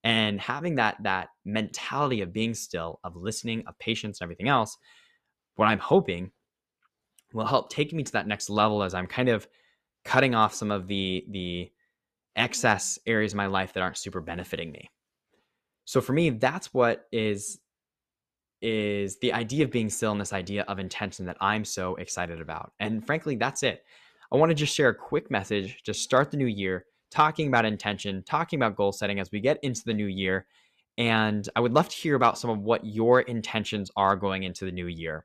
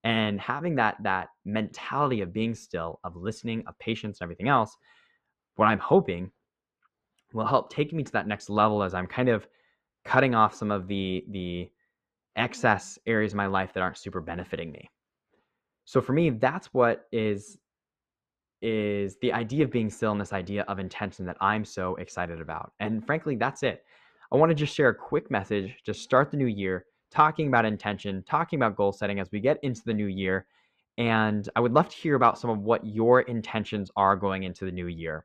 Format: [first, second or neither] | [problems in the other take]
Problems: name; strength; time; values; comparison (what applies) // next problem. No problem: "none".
first | muffled; slightly; fading above 1.5 kHz